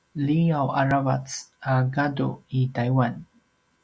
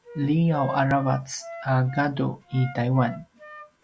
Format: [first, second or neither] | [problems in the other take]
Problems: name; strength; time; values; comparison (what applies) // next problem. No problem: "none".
first | background sound (Wind instrument, woodwind instrument); 16 dB below the speech